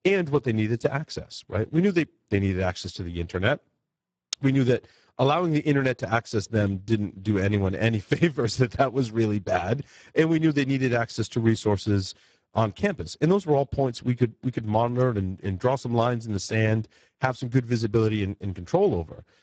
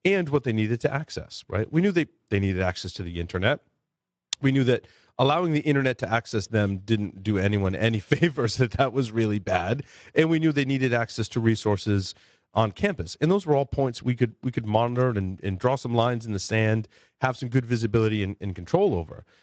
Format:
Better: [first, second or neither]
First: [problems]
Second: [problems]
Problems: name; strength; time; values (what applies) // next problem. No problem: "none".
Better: second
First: garbled, watery; badly; nothing above 7.5 kHz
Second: garbled, watery; slightly; nothing above 7.5 kHz